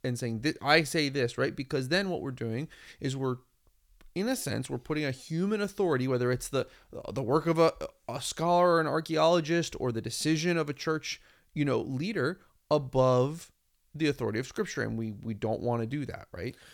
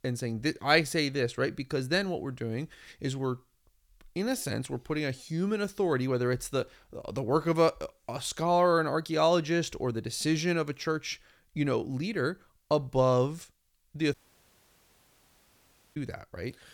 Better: first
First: none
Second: audio cutting out; at 14 s for 2 s

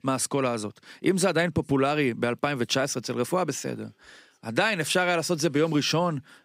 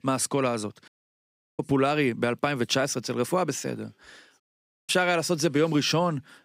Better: first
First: none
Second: audio cutting out; at 1 s for 0.5 s and at 4.5 s

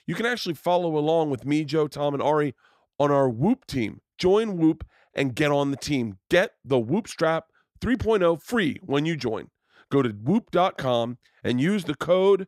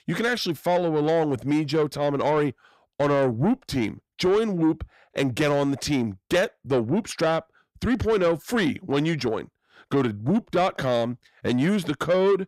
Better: first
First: none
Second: distortion; slight; 10 dB below the speech

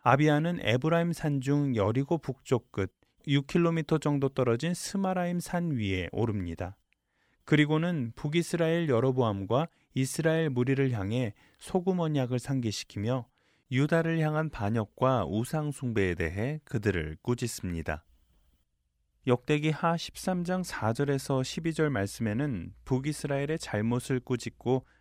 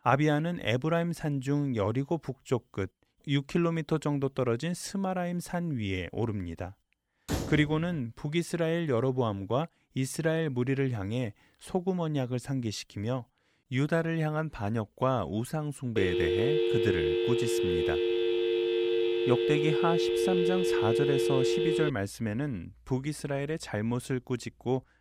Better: first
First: none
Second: door banging; noticeable; at 7.5 s; peak 3 dB below the speech // phone ringing; loud; from 16 to 22 s; peak 4 dB above the speech

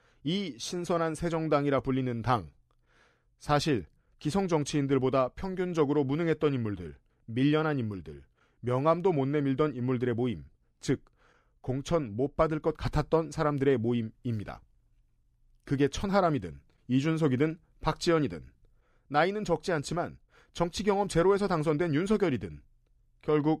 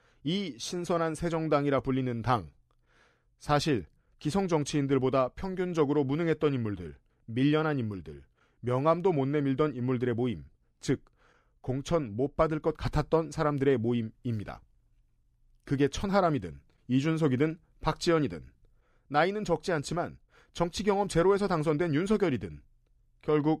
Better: neither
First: none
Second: none

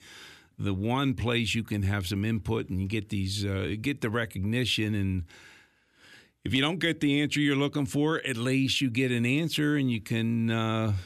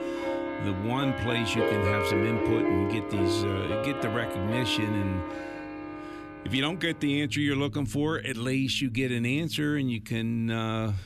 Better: first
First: none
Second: background music; loud; throughout; 2 dB below the speech

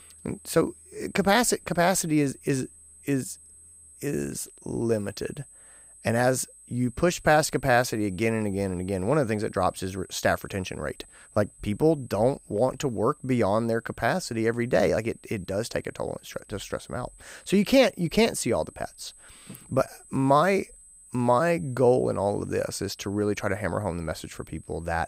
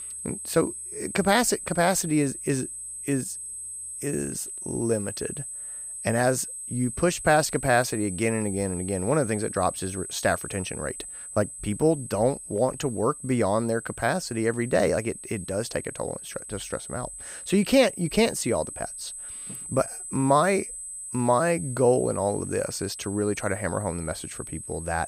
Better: first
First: high-pitched whine; faint; throughout; 8 kHz, 25 dB below the speech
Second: high-pitched whine; loud; throughout; 8 kHz, 9 dB below the speech

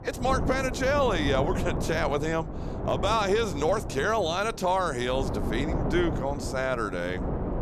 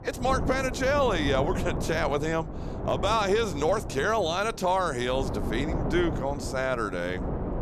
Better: second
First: wind noise on the microphone; heavy; 10 dB below the speech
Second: wind noise on the microphone; occasional gusts; 10 dB below the speech

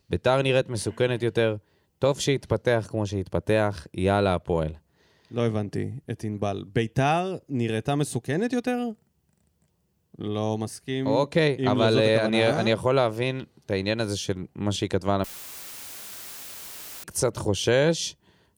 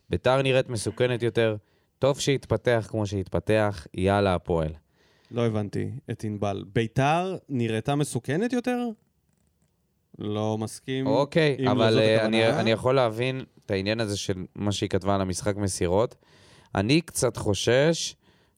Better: second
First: audio cutting out; filled with static; at 15 s for 2 s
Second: none

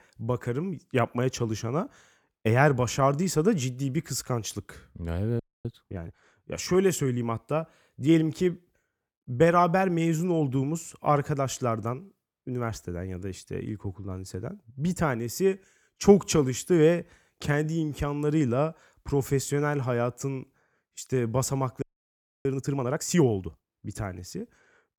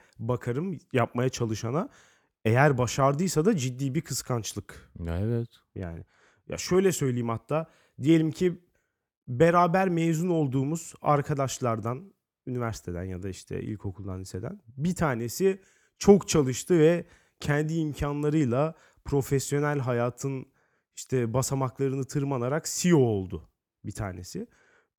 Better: second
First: audio freezing; at 5.5 s and at 22 s for 0.5 s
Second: none

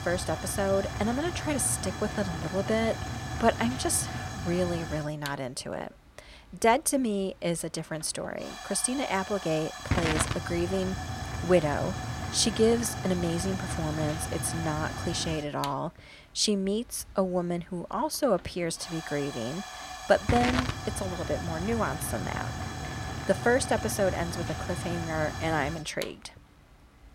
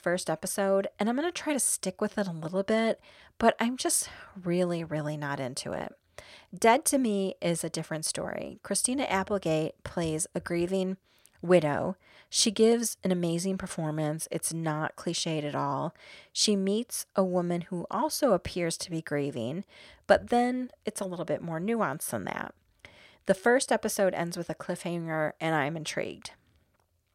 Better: second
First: hiss; loud; throughout; 6 dB below the speech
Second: none

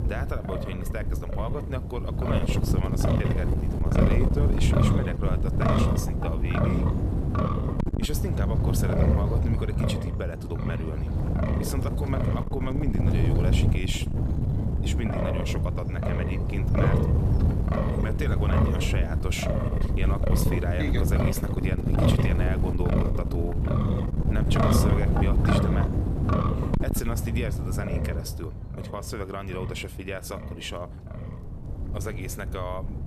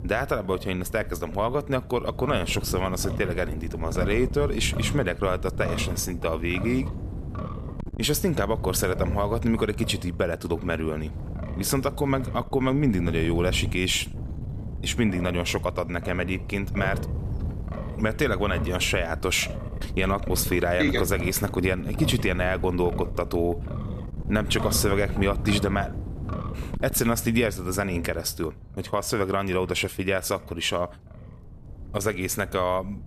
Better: second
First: wind noise on the microphone; heavy; 3 dB above the speech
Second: wind noise on the microphone; occasional gusts; 15 dB below the speech

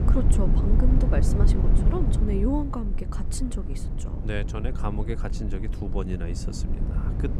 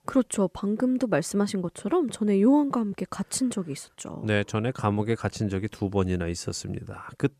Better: second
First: low rumble; loud; throughout; 4 dB below the speech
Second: none

